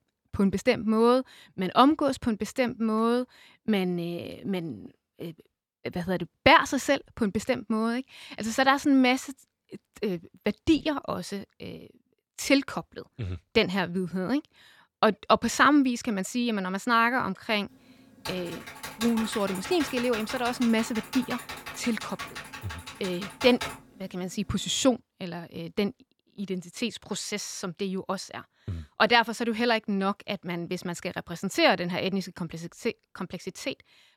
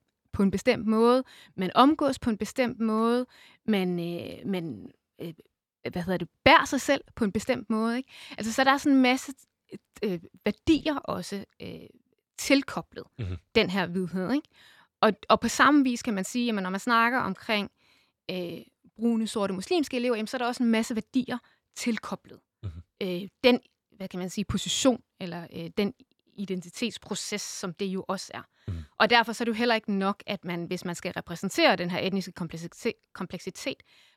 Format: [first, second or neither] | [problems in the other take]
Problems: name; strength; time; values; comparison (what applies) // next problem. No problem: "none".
second | keyboard typing; noticeable; from 18 to 24 s; peak 7 dB below the speech